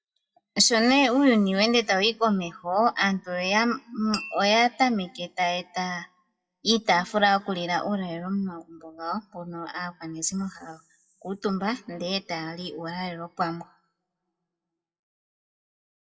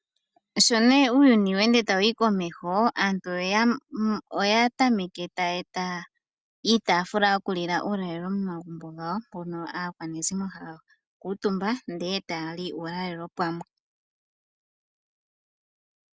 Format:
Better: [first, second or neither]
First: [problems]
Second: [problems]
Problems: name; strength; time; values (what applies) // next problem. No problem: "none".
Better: second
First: noise reduction (classical method WPE with log-MMSE)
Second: none